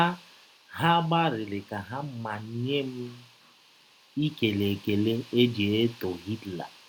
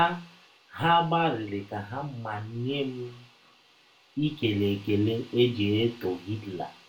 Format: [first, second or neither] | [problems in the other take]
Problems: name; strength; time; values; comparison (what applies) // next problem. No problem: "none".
first | room echo; dies away in 0.3 s